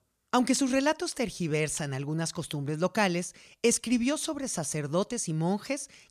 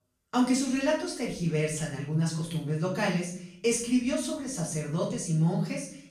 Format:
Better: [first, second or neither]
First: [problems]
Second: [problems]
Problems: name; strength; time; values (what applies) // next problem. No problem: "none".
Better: first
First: none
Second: room echo; noticeable; dies away in 0.5 s // off-mic speech; far